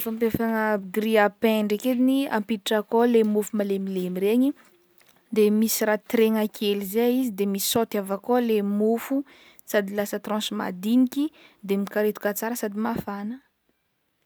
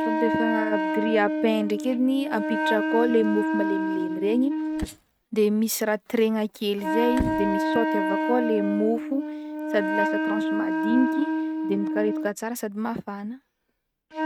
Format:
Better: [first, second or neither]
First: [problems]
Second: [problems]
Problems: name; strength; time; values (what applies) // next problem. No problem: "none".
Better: first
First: none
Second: noise reduction (neural mask model RNNoise)